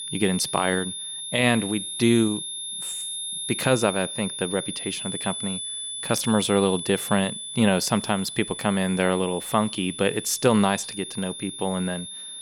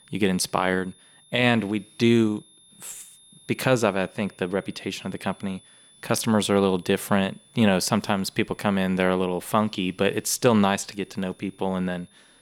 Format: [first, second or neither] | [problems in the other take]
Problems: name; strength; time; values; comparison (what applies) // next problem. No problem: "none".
second | high-pitched whine; loud; throughout; 3.5 kHz, 7 dB below the speech; faint in the second